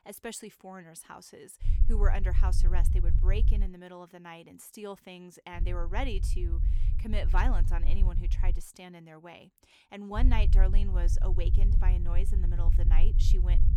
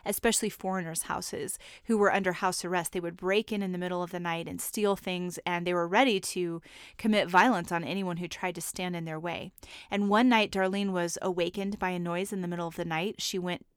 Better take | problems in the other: second | low rumble; loud; from 1.5 to 3.5 s, from 5.5 to 8.5 s and from 10 s on; 9 dB below the speech

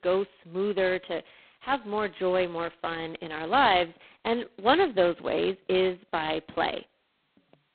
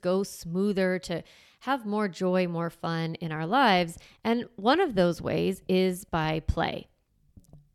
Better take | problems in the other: second | phone-call audio; poor line; nothing above 4 kHz

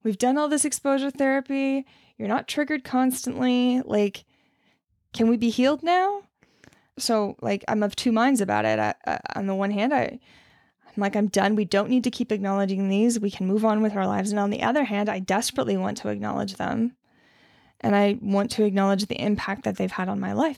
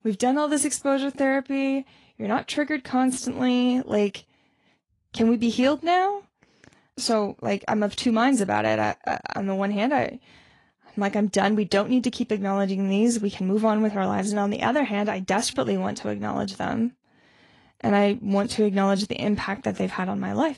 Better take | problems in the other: first | garbled, watery; slightly; nothing above 10.5 kHz

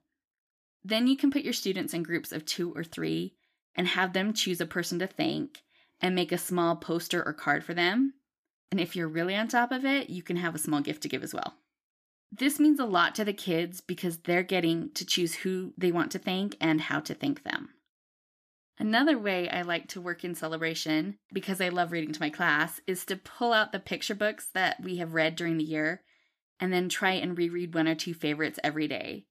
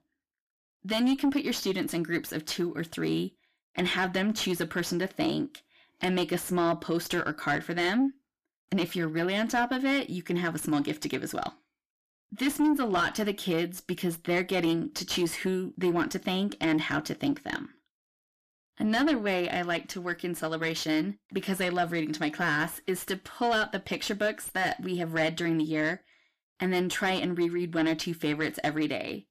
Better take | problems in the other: first | distortion; slight; 10 dB below the speech

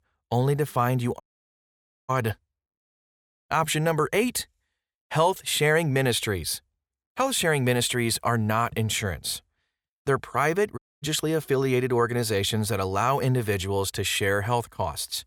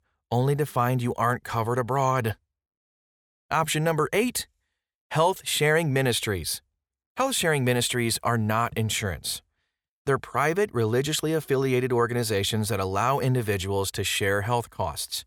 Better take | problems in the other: second | audio cutting out; at 1 s for 1 s and at 11 s

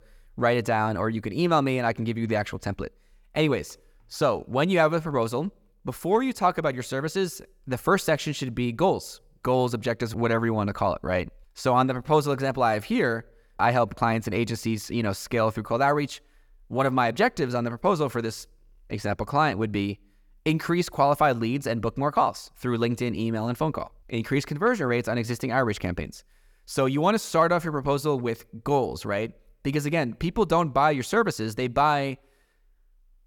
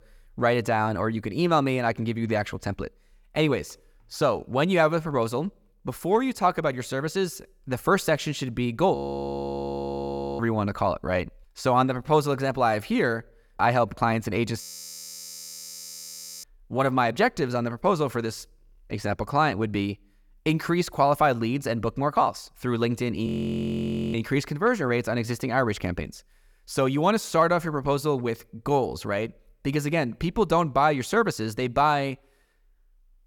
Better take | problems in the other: first | audio freezing; at 9 s for 1.5 s, at 15 s for 2 s and at 23 s for 1 s

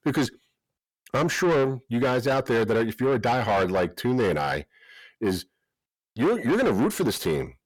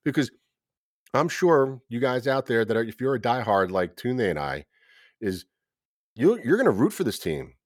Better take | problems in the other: second | distortion; heavy; 6 dB below the speech

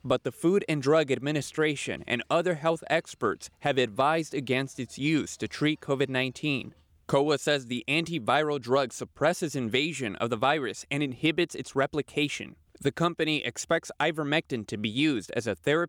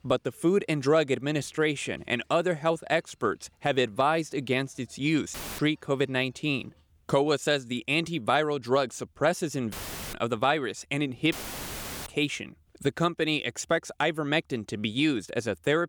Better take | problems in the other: first | audio cutting out; filled with static; at 5.5 s, at 9.5 s and at 11 s for 1 s

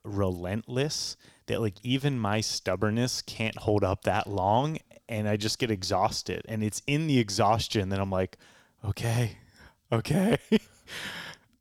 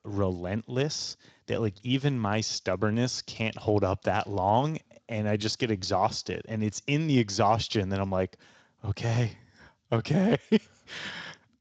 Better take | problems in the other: first | garbled, watery; slightly

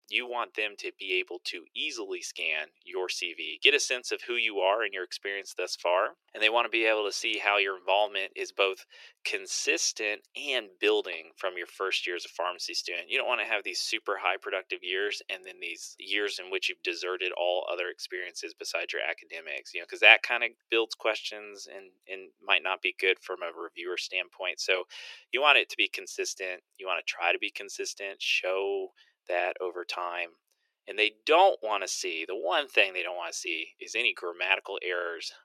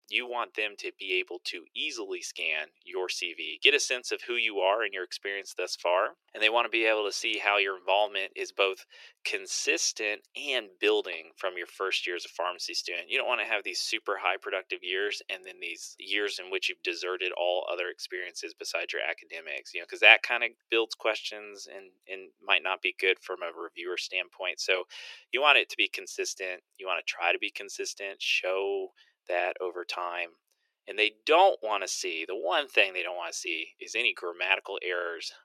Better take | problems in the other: neither | thin; very; fading below 350 Hz; the same in both

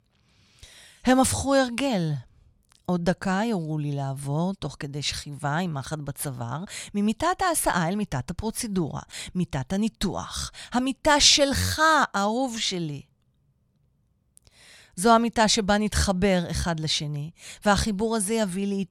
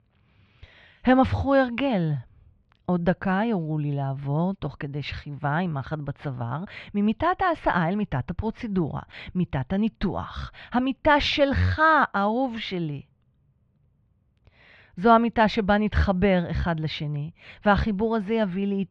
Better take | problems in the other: first | muffled; very; fading above 3 kHz

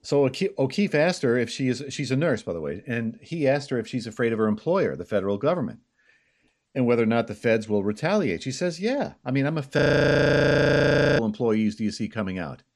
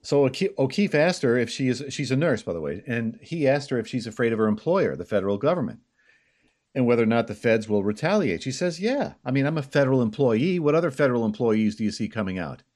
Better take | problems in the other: second | audio freezing; at 10 s for 1.5 s

